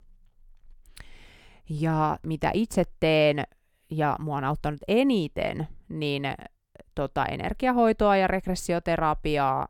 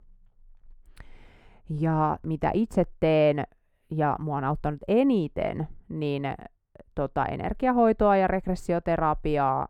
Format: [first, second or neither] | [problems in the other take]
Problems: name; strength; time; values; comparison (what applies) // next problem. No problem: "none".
first | muffled; slightly; fading above 2 kHz